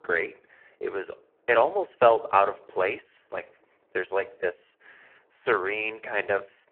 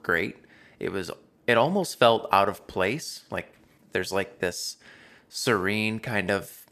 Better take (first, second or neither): second